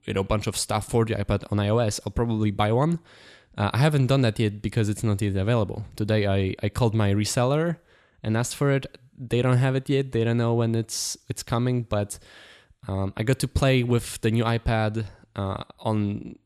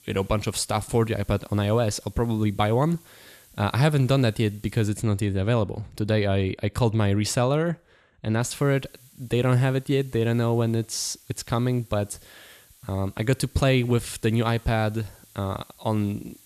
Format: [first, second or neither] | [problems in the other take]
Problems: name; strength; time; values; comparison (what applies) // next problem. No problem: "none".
first | hiss; faint; until 5 s and from 8.5 s on; 25 dB below the speech